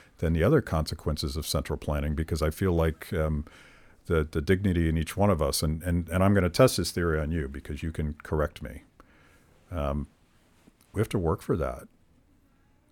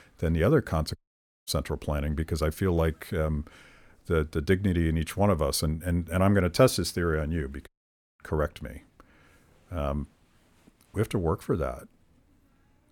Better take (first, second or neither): first